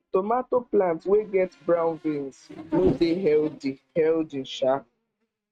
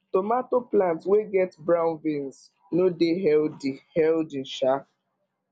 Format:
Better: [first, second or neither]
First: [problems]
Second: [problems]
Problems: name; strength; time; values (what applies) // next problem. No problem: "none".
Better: second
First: noise reduction (neural mask model RNNoise)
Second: none